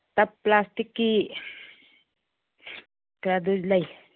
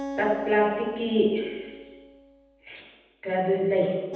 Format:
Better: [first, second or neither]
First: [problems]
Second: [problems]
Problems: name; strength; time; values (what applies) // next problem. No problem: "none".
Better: first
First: none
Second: background sound (Acoustic guitar); 14 dB below the speech // room echo; dies away in 1.1 s